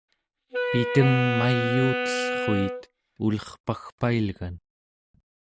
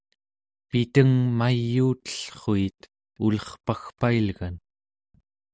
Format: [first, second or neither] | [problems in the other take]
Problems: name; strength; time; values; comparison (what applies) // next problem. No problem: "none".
second | background sound (Wind instrument, woodwind instrument); 2 dB below the speech